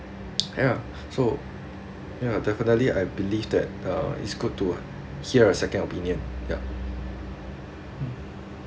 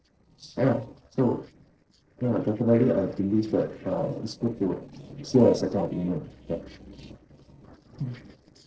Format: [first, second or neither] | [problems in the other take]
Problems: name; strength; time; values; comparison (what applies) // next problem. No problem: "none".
first | noise reduction (neural separator model SepFormer DNS4)